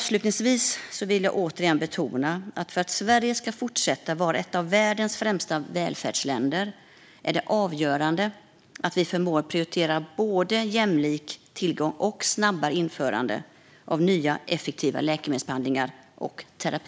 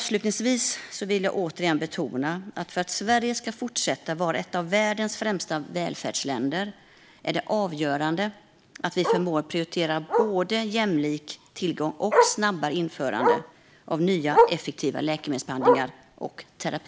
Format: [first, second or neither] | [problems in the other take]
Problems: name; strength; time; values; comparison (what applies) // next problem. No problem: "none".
first | background sound (Bark); 4 dB below the speech